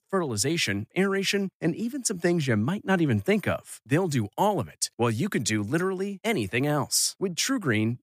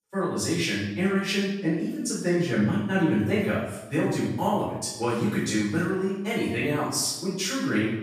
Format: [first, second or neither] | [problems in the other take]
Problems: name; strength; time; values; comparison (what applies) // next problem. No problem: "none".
first | off-mic speech; far // room echo; noticeable; dies away in 0.8 s